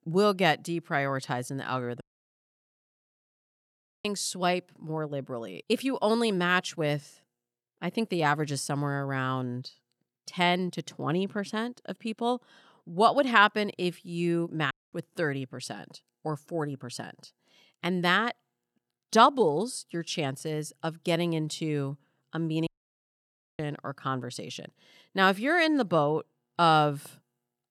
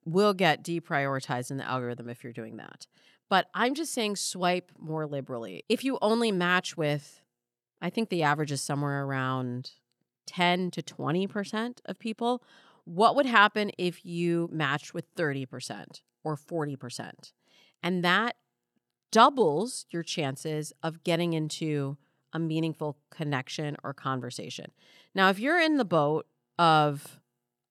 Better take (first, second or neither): second